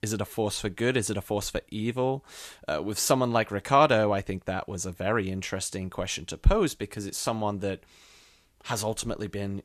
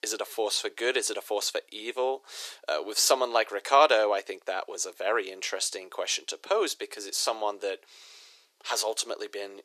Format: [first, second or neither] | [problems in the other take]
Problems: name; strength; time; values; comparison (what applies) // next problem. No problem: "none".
first | thin; very; fading below 350 Hz